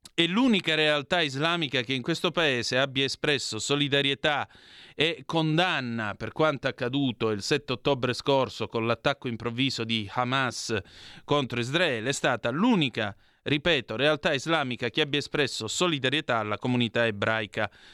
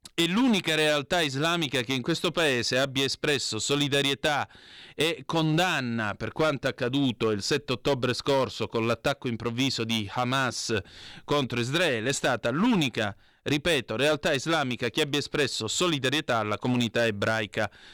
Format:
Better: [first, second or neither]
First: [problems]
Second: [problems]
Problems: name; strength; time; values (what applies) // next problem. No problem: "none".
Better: first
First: none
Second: distortion; slight; 7% of the sound clipped